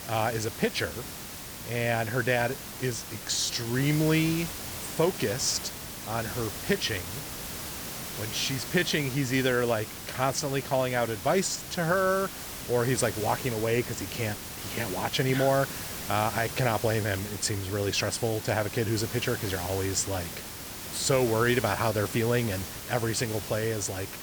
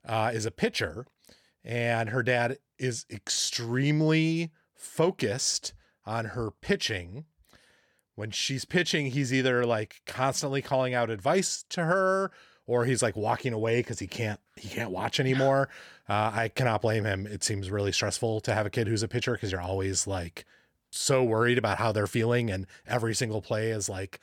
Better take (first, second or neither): second